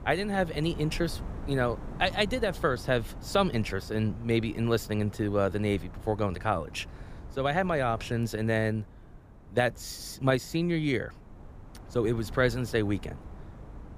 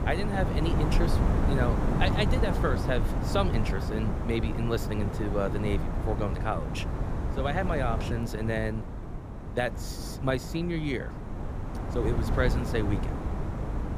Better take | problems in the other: first | wind noise on the microphone; heavy; 4 dB below the speech; occasional gusts in the first

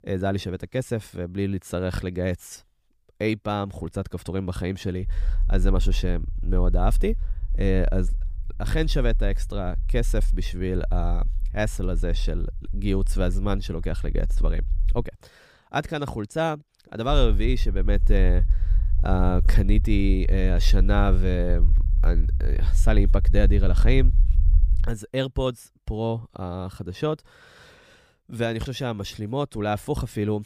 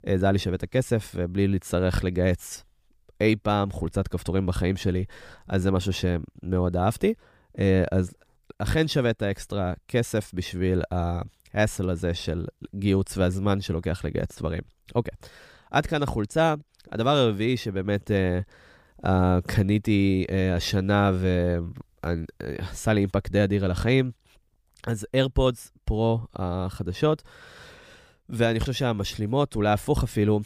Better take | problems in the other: second | low rumble; noticeable; from 5 to 15 s and from 17 to 25 s; 20 dB below the speech

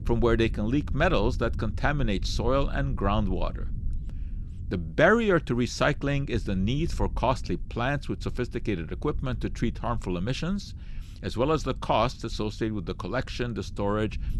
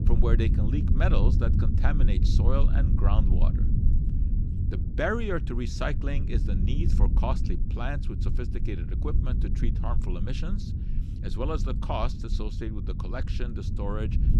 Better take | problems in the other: first | low rumble; loud; throughout; 7 dB below the speech; faint in the first

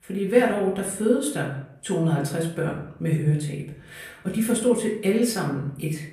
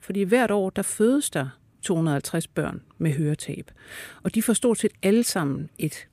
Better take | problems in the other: second | off-mic speech; far // room echo; slight; dies away in 0.6 s

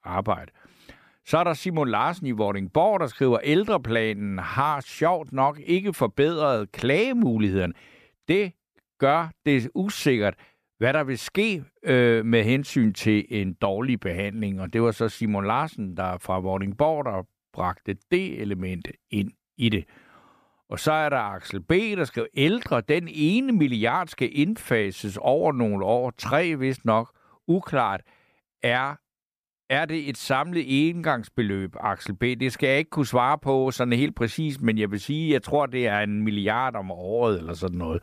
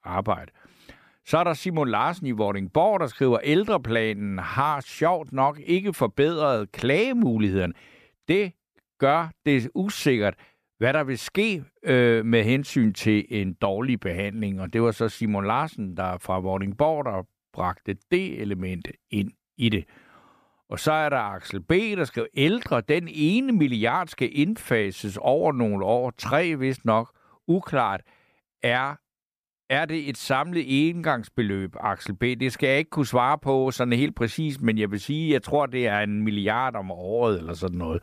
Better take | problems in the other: neither | none

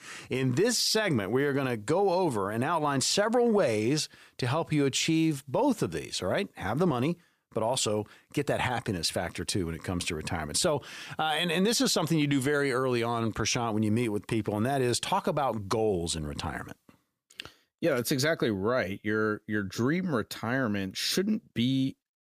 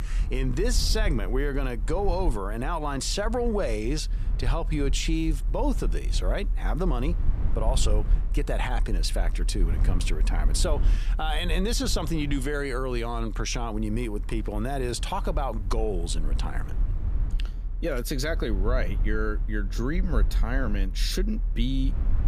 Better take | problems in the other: first | low rumble; noticeable; throughout; 20 dB below the speech

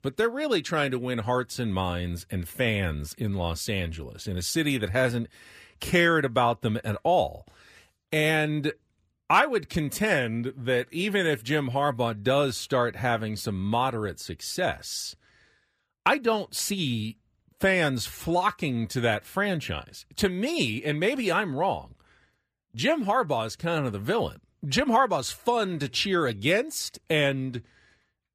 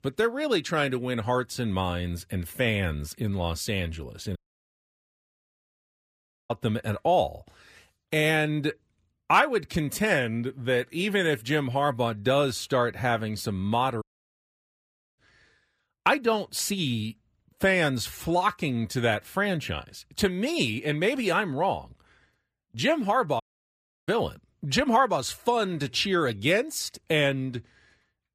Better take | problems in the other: first | audio cutting out; at 4.5 s for 2 s, at 14 s for 1 s and at 23 s for 0.5 s

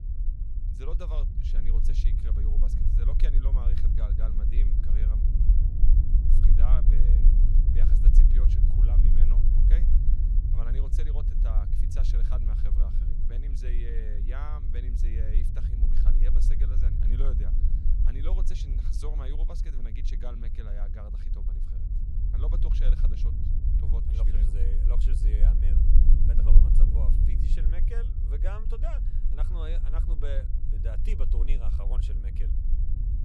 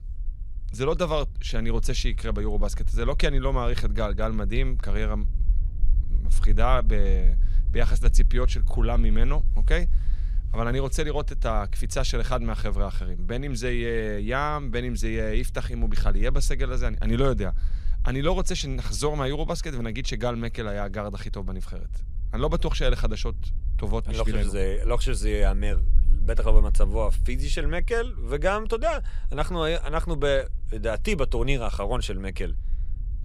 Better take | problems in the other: second | low rumble; loud; throughout; 1 dB below the speech; faint in the second

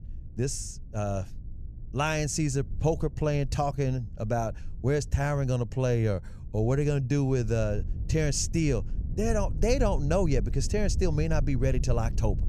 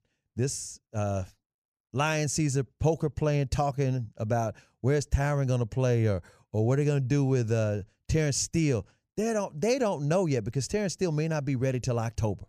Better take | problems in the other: second | low rumble; faint; throughout; 20 dB below the speech

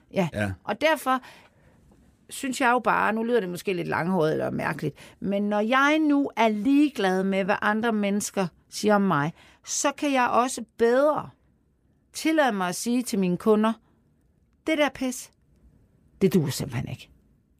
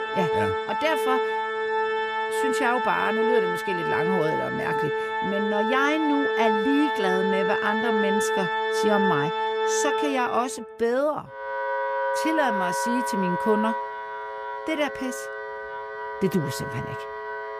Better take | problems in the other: first | background music; very loud; throughout; 1 dB above the speech

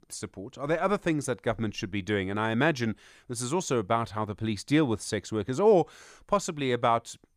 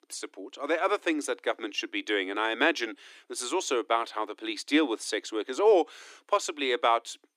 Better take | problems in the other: first | thin; somewhat; fading below 300 Hz

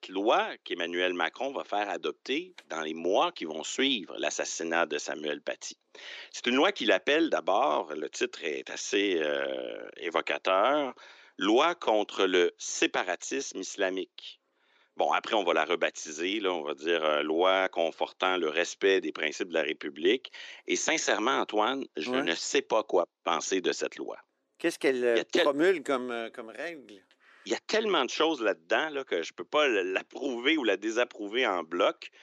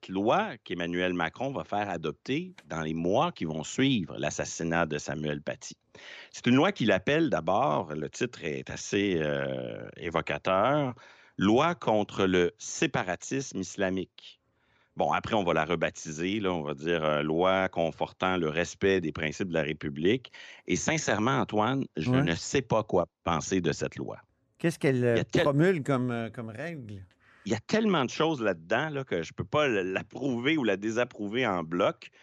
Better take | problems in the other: second | thin; somewhat; fading below 350 Hz

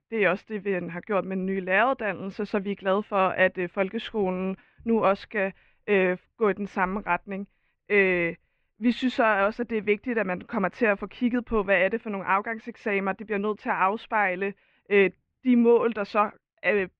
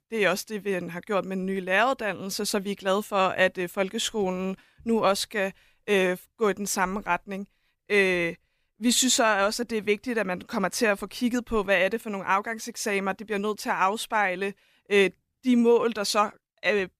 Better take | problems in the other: second | muffled; very; fading above 2.5 kHz

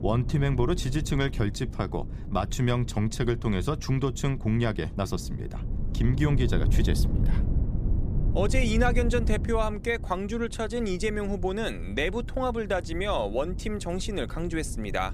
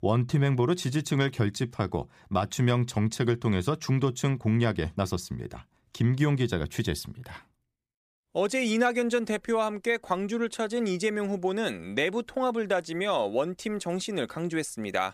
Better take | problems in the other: second | low rumble; noticeable; throughout; 15 dB below the speech

